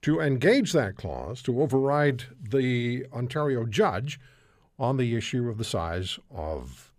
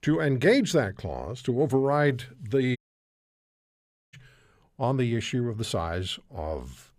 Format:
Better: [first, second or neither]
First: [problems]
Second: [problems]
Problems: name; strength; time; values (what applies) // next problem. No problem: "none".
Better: first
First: none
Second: audio cutting out; at 3 s for 1.5 s